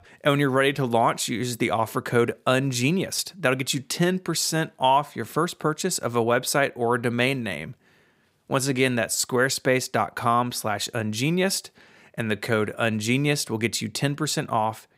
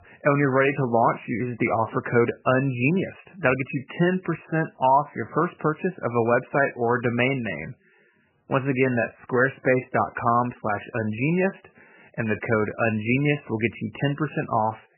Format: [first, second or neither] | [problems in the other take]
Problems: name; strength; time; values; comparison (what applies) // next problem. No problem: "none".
first | garbled, watery; badly; nothing above 3 kHz